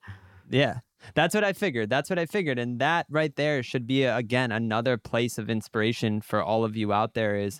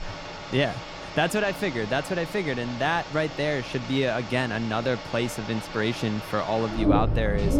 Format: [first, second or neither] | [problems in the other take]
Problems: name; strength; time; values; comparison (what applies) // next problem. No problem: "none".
first | animal sounds; loud; throughout; 6 dB below the speech